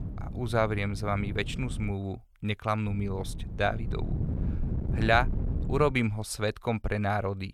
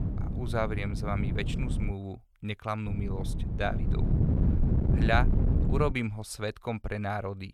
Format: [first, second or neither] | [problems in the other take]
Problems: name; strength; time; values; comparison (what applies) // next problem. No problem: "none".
first | wind noise on the microphone; heavy; until 2 s and from 3 to 6 s; 7 dB below the speech; occasional gusts in the first